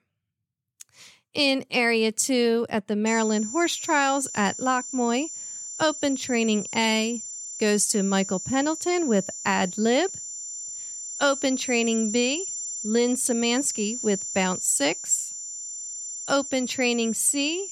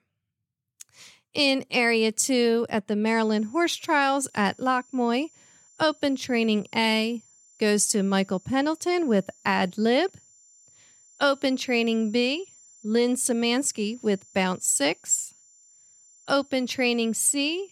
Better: second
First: high-pitched whine; loud; from 3 s on; 7 kHz, 8 dB below the speech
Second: high-pitched whine; faint; from 3 s on; 7 kHz, 30 dB below the speech

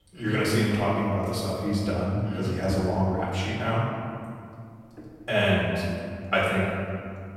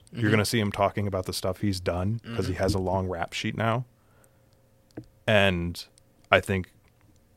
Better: second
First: off-mic speech; far // room echo; strong; dies away in 2 s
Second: none

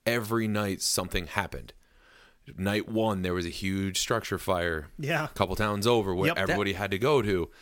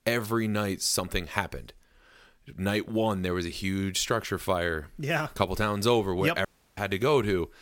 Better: first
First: none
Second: audio cutting out; at 6.5 s

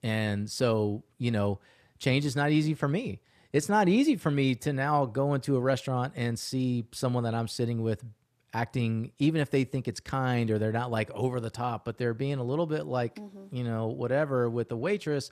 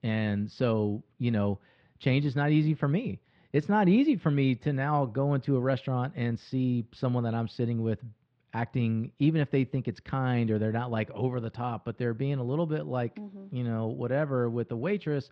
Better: first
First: none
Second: muffled; slightly; fading above 3.5 kHz

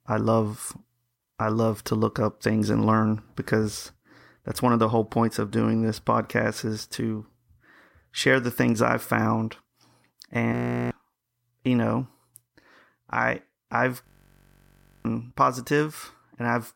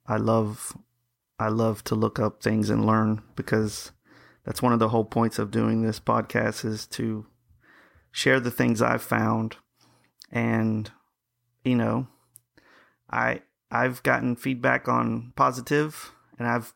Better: second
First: audio freezing; at 11 s and at 14 s for 1 s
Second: none

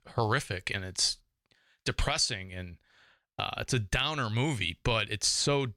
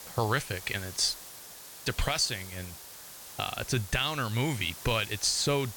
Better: first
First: none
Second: hiss; noticeable; throughout; 15 dB below the speech

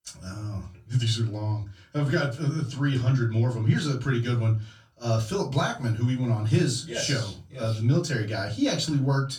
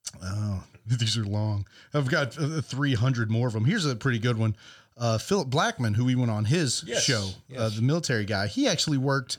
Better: second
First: off-mic speech; far // room echo; very slight; dies away in 0.2 s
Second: none

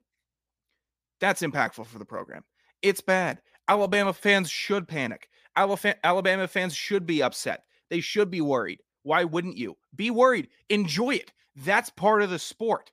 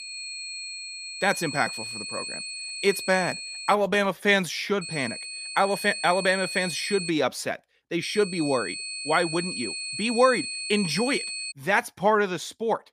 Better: first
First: none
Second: high-pitched whine; loud; until 3.5 s, from 5 to 7 s and from 8 to 12 s; 4.5 kHz, 7 dB below the speech

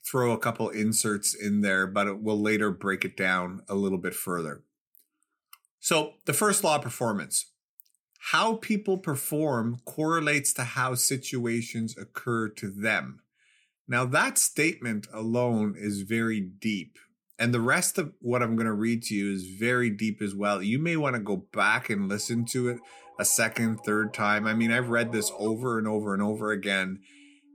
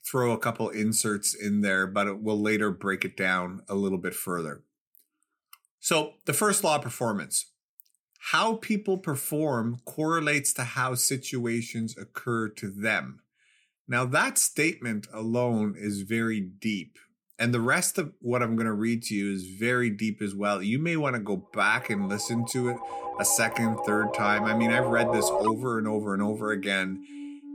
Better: first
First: alarms or sirens; faint; from 22 s on; 25 dB below the speech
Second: alarms or sirens; loud; from 22 s on; 6 dB below the speech

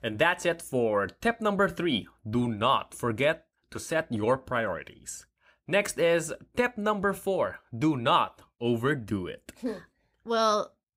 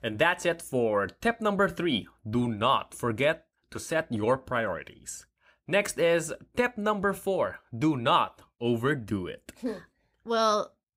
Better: neither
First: none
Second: none

